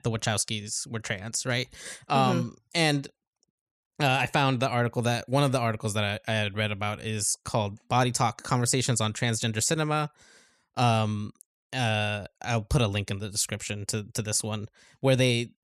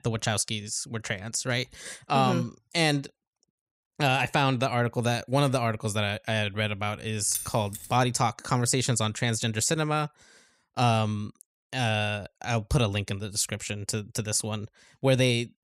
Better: first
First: none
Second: jangling keys; noticeable; at 7.5 s; peak 6 dB below the speech

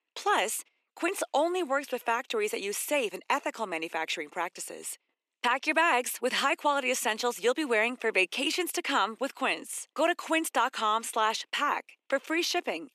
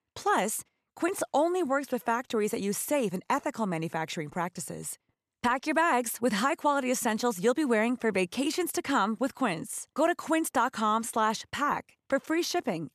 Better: second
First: thin; somewhat; fading below 300 Hz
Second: none

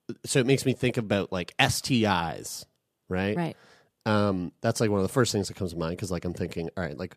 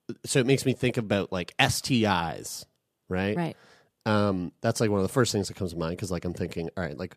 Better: neither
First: none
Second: none

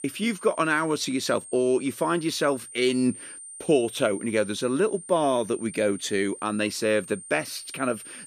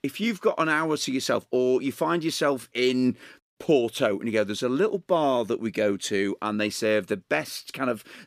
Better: second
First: high-pitched whine; noticeable; throughout; 9 kHz, 15 dB below the speech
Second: none

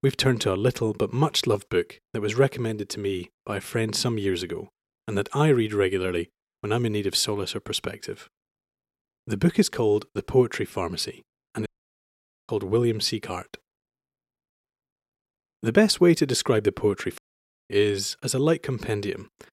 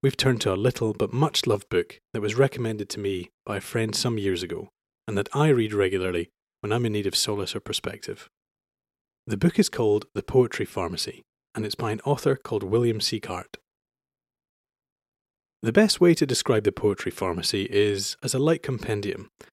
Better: second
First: audio cutting out; at 12 s for 1 s and at 17 s for 0.5 s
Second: none

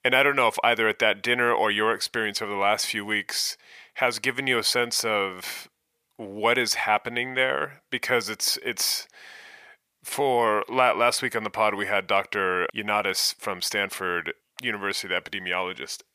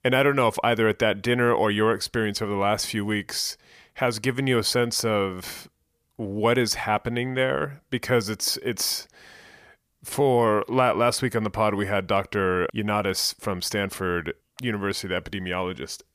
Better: second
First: thin; somewhat; fading below 1 kHz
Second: none

